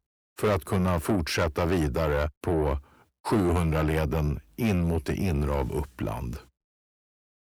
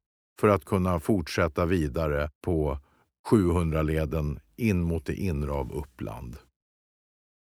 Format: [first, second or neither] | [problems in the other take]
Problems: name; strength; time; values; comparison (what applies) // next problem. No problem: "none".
second | distortion; heavy; 7 dB below the speech